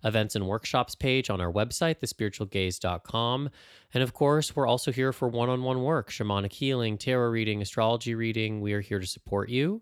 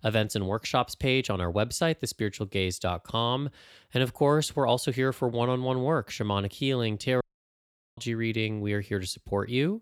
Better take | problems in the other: first | audio cutting out; at 7 s for 1 s

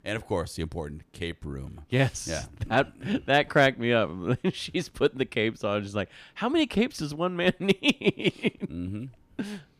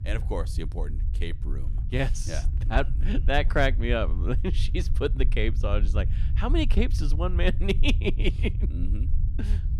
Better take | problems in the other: first | low rumble; noticeable; throughout; 15 dB below the speech

